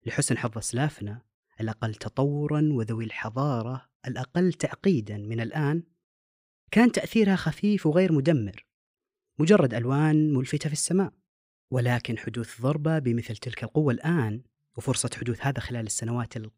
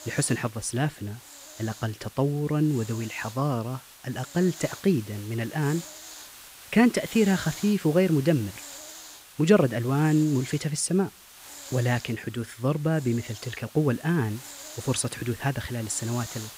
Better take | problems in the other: first | hiss; noticeable; throughout; 15 dB below the speech

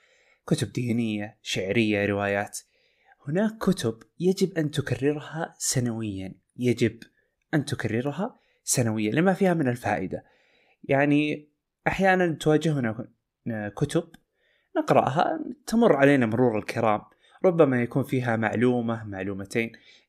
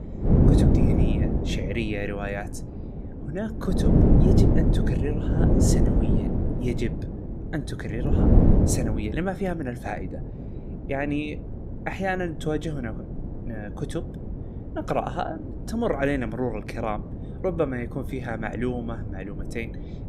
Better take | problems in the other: first | wind noise on the microphone; heavy; 1 dB below the speech

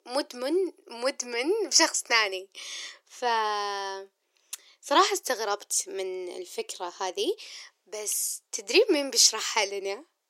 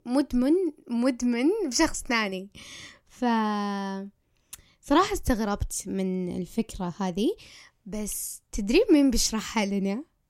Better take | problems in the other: second | thin; very; fading below 400 Hz

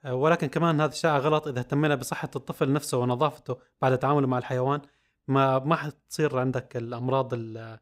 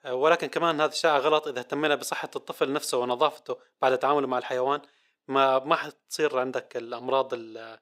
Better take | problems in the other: first | thin; somewhat; fading below 450 Hz

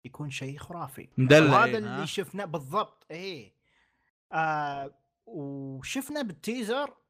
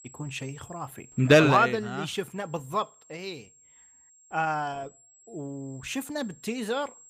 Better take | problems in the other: first | high-pitched whine; faint; throughout; 7.5 kHz, 25 dB below the speech

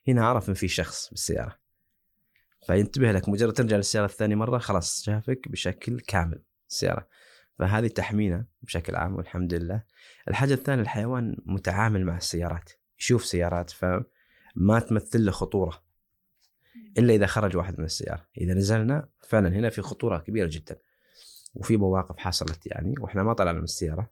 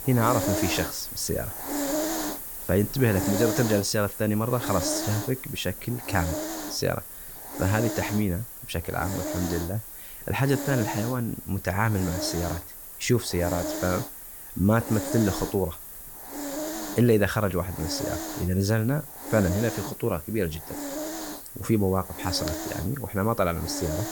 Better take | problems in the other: first | hiss; loud; throughout; 6 dB below the speech

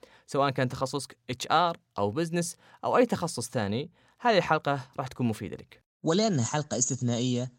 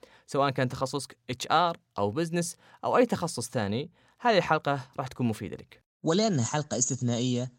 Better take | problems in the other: neither | none

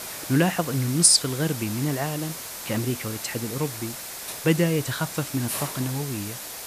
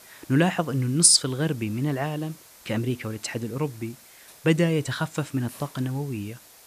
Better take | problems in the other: second | hiss; loud; throughout; 9 dB below the speech; faint in the second

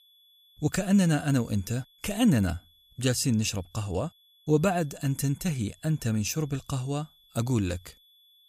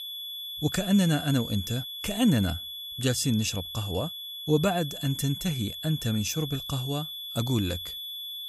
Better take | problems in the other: first | high-pitched whine; loud; throughout; 3.5 kHz, 7 dB below the speech; faint in the first

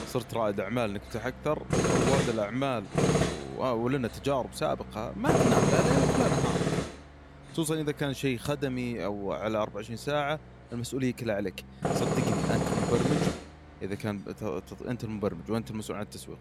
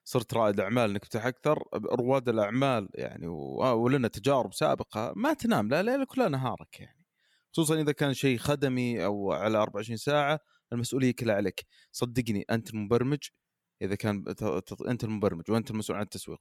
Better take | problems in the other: second | machinery noise; very loud; throughout; 4 dB above the speech

